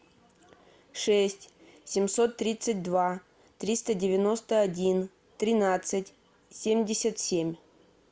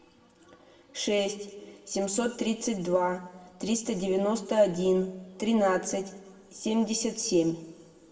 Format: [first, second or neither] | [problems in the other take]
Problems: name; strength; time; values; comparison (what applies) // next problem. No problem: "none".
first | room echo; dies away in 0.9 s